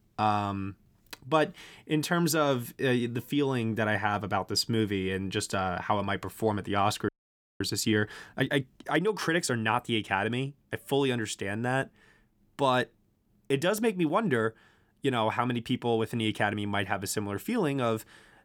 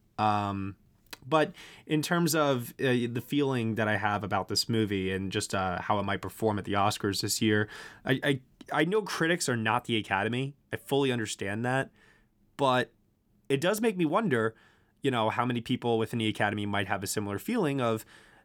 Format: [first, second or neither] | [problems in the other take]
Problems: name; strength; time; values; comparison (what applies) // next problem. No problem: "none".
second | audio freezing; at 7 s for 0.5 s